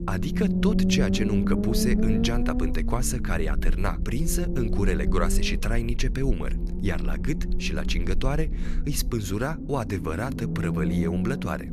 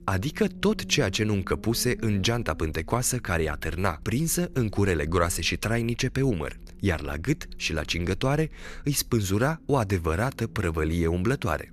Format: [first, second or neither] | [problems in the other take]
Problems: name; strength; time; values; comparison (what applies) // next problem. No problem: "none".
second | low rumble; loud; throughout; 4 dB below the speech; faint in the second